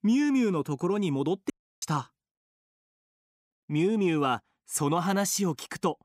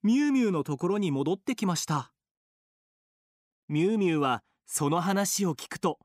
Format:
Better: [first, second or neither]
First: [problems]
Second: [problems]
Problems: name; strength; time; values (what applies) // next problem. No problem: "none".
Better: second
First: audio cutting out; at 1.5 s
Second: none